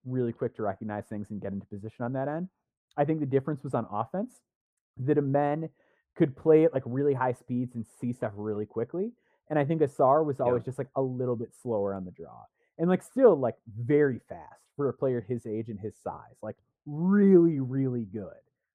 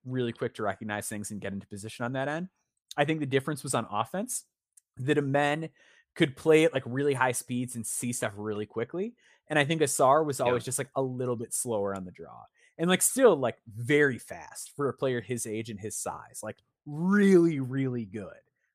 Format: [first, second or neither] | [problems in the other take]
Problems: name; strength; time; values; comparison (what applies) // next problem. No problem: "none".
second | muffled; very; fading above 2 kHz